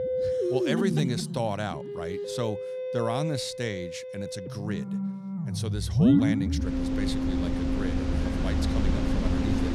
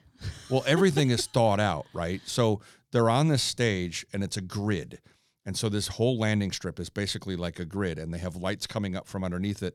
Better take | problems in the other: second | background music; very loud; throughout; 5 dB above the speech

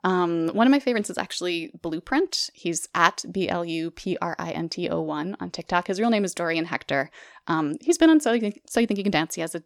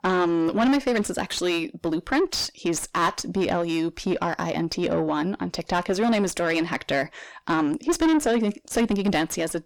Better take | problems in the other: first | distortion; heavy; 6 dB below the speech

